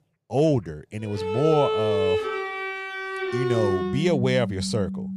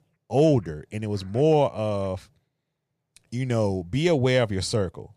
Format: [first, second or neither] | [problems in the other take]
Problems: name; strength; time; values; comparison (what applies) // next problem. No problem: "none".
second | background music; loud; from 1 s on; 2 dB below the speech